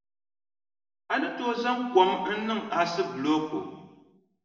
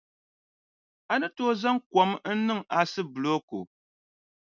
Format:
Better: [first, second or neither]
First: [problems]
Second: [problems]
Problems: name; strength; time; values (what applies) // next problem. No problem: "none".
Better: second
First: room echo; dies away in 1.2 s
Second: none